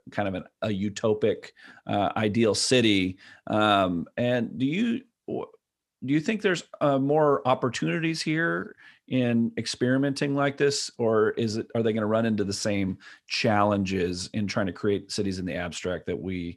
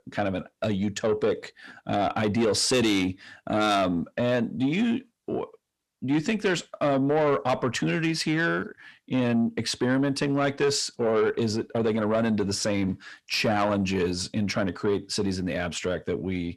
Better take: first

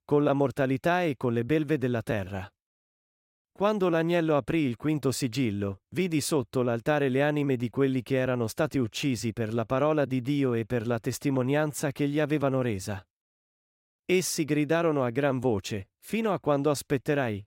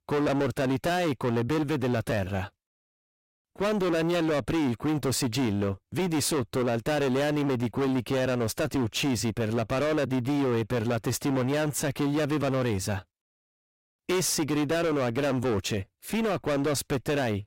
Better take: first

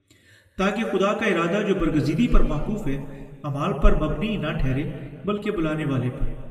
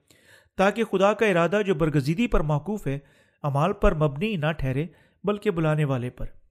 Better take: second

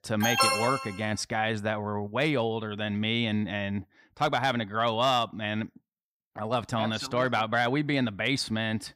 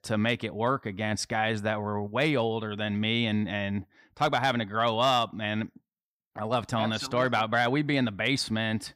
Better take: second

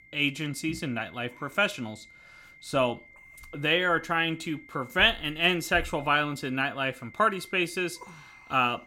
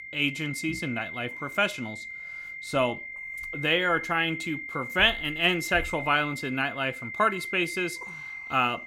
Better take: first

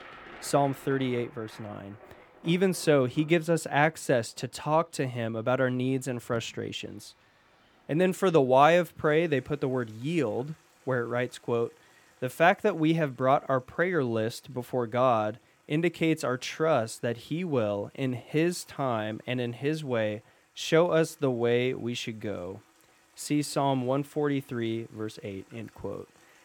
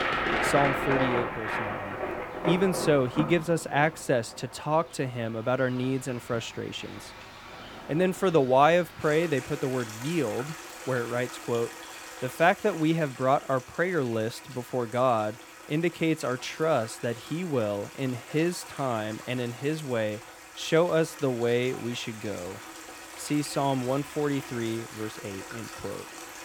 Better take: first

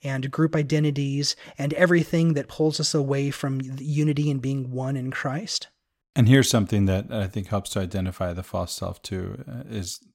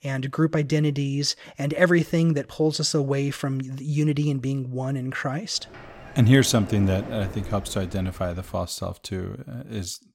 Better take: first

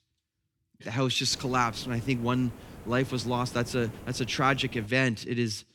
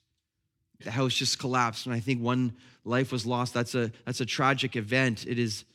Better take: second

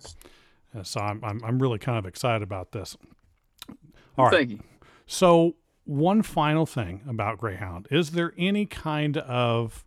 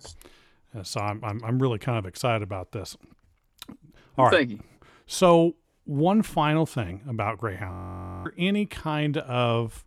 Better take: first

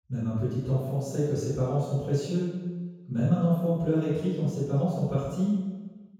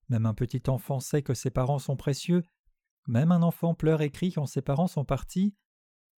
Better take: second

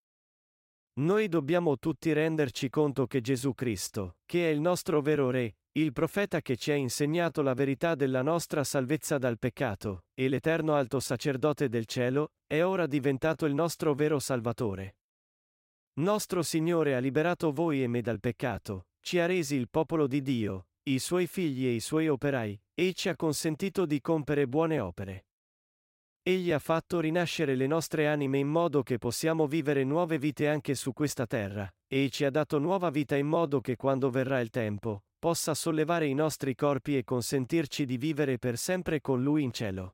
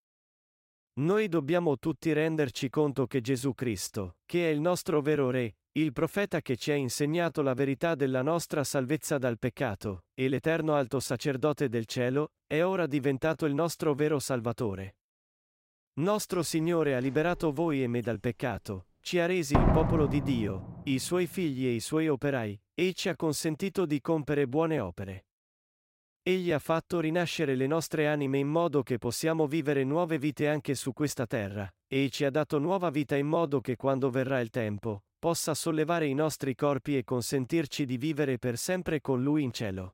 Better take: first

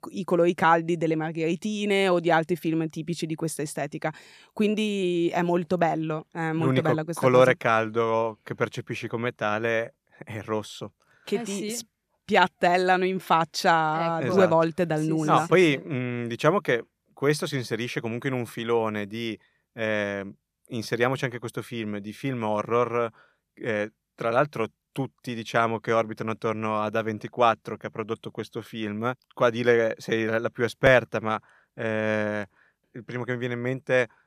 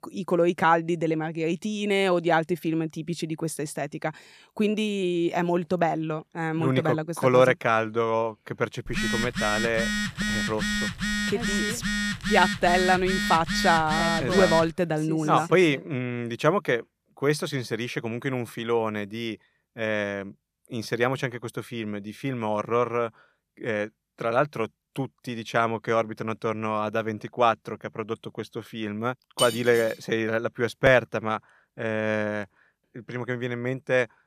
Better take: first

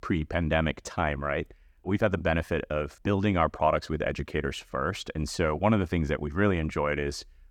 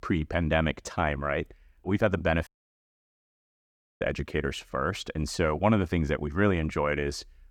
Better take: first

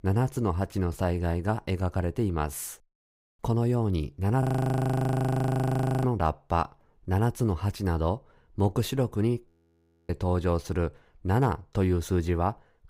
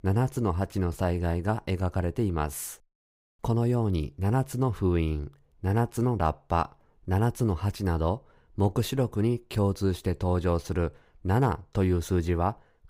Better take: second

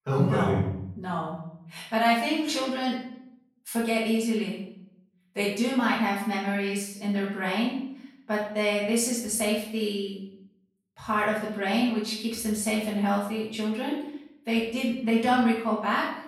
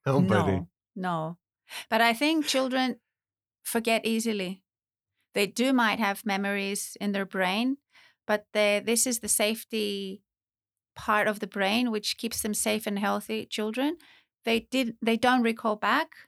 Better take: second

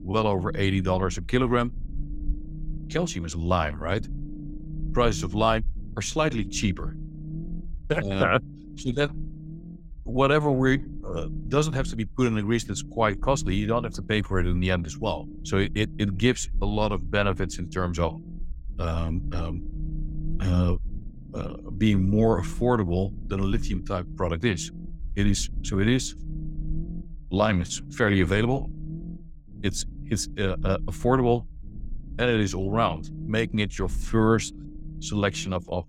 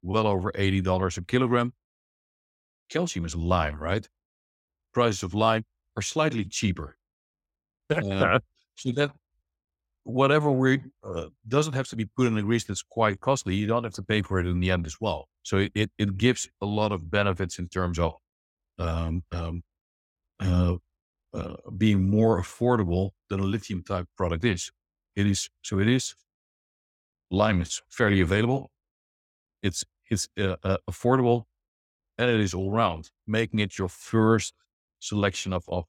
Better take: second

